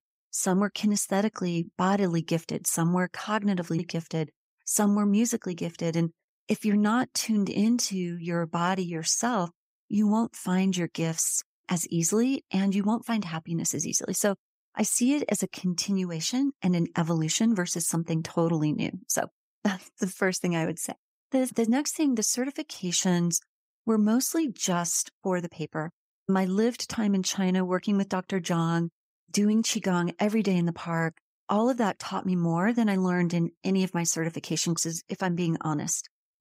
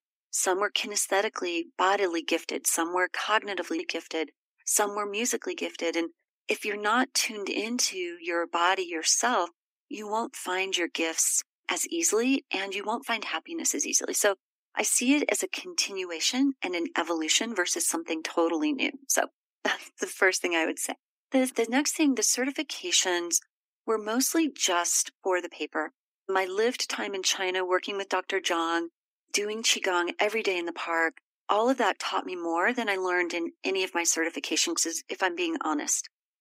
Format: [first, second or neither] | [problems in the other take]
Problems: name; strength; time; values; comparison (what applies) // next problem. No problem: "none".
first | thin; somewhat; fading below 250 Hz